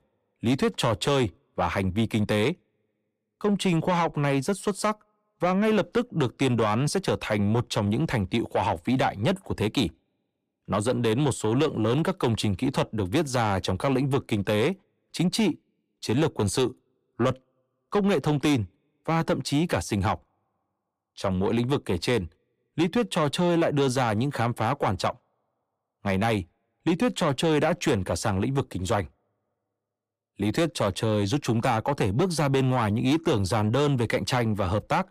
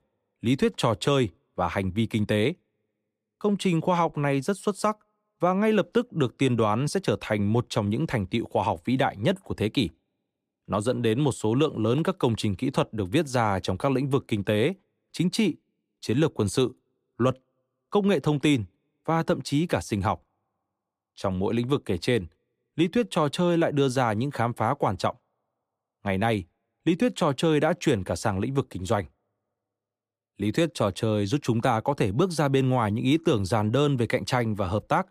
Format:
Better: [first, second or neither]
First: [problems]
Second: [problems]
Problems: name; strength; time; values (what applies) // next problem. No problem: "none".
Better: second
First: distortion; slight; 10 dB below the speech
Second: none